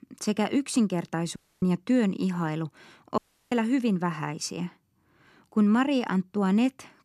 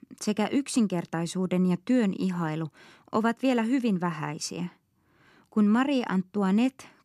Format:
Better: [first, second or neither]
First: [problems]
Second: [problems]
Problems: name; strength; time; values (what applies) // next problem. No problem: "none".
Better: second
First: audio cutting out; at 1.5 s and at 3 s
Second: none